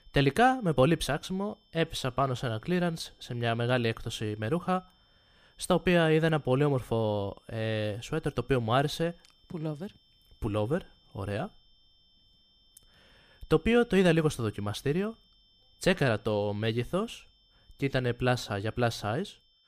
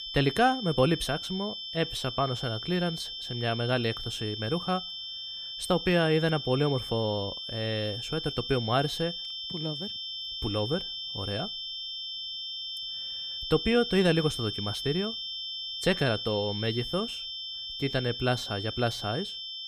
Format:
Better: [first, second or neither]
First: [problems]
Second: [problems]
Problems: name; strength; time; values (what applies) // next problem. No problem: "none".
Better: first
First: high-pitched whine; faint; throughout; 3 kHz, 35 dB below the speech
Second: high-pitched whine; loud; throughout; 3 kHz, 5 dB below the speech